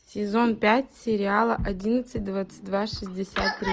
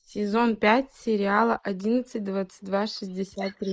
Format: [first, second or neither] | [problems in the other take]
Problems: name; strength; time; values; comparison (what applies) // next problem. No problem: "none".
first | noise reduction (neural mask model Resemble Enhance denoiser)